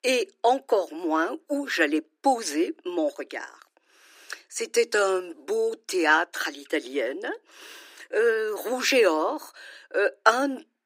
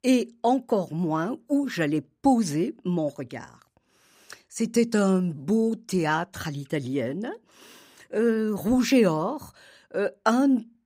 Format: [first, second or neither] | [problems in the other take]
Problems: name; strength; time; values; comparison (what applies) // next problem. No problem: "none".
second | thin; very; fading below 300 Hz